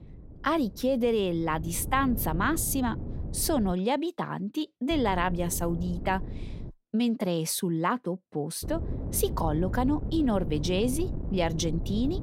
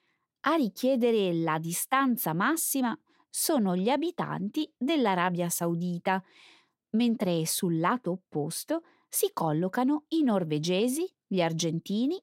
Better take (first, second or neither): second